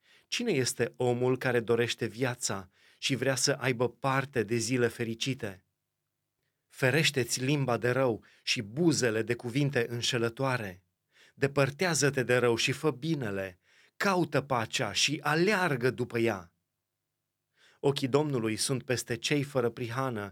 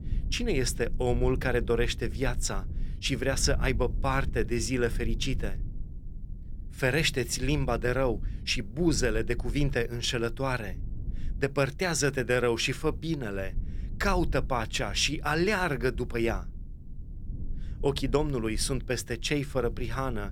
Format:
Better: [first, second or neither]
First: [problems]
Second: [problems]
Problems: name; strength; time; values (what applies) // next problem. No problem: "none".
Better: first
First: none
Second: low rumble; faint; throughout; 25 dB below the speech